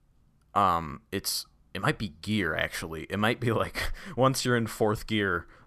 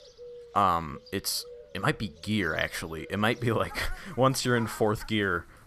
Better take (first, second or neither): first